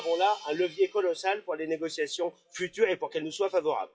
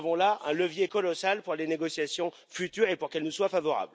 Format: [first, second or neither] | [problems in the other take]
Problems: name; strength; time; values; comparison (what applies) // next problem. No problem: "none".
second | noise reduction (classical method WPE with log-MMSE)